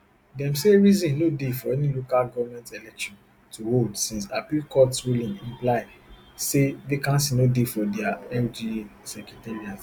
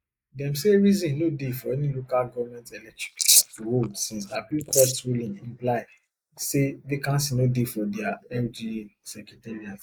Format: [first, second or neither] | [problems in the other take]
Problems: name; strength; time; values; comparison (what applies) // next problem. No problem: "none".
first | noise reduction (neural mask model Resemble Enhance denoiser)